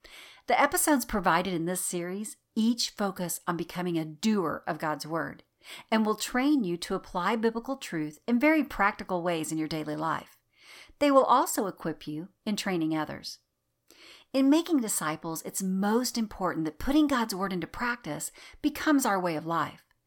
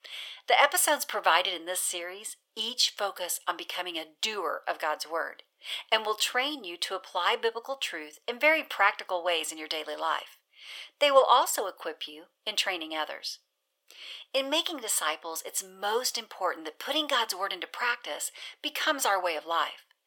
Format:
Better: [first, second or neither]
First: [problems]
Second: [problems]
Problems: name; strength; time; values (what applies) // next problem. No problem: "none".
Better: first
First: none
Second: thin; very; fading below 500 Hz